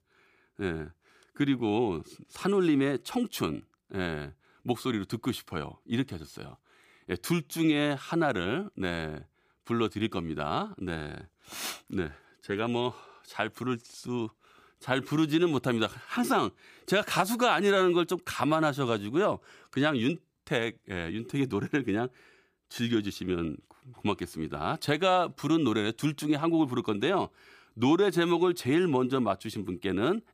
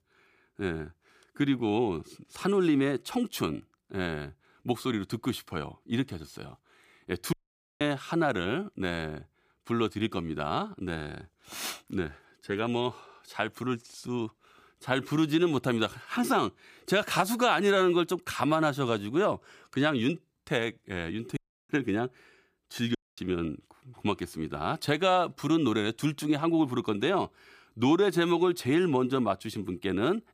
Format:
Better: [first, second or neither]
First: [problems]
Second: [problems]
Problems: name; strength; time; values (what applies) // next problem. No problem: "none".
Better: first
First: none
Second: audio cutting out; at 7.5 s, at 21 s and at 23 s